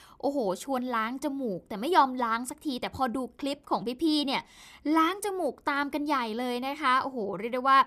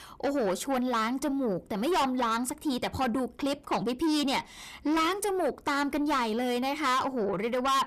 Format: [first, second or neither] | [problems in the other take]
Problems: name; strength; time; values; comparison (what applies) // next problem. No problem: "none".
first | distortion; heavy; 6 dB below the speech